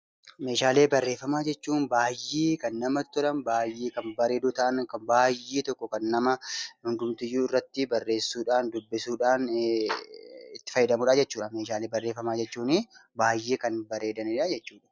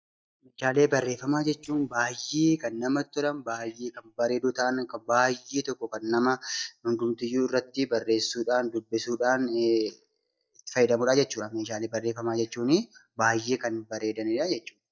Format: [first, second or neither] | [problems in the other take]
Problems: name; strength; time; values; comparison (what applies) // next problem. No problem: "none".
first | noise reduction (neural mask model DeepFilterNet 3)